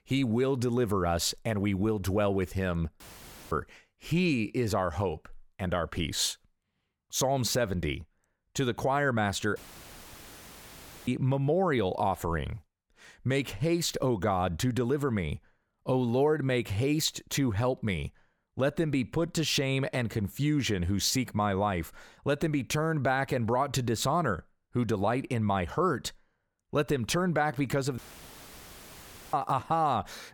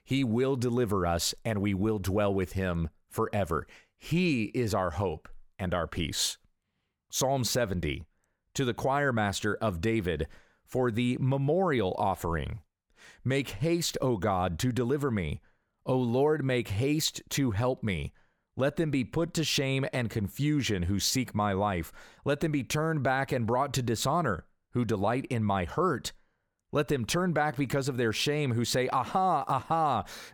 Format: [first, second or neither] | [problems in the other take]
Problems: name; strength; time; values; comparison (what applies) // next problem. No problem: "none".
second | audio cutting out; filled with static; at 3 s for 0.5 s, at 9.5 s for 1.5 s and at 28 s for 1.5 s